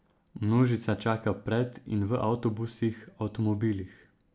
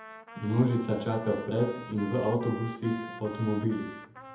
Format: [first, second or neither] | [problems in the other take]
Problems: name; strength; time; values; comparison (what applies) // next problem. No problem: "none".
first | background sound (Trumpet); 15 dB below the speech // room echo; dies away in 0.7 s